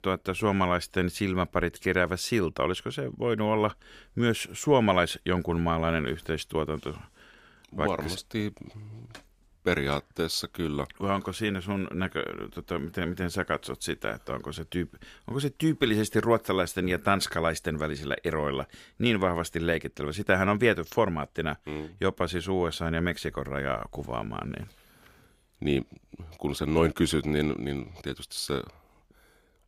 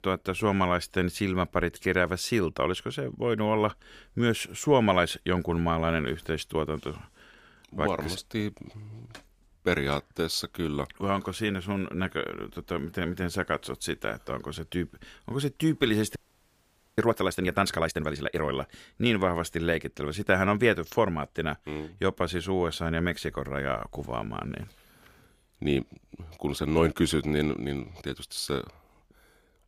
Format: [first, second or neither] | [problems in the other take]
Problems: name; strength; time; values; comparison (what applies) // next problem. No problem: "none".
first | audio freezing; at 16 s for 1 s